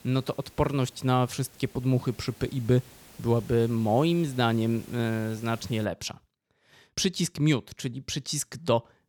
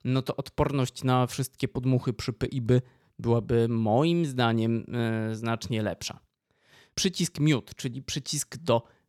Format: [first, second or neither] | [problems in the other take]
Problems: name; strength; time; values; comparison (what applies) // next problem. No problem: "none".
second | hiss; faint; until 6 s; 20 dB below the speech